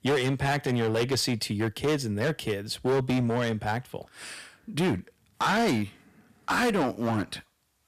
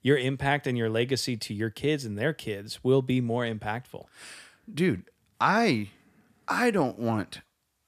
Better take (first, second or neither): second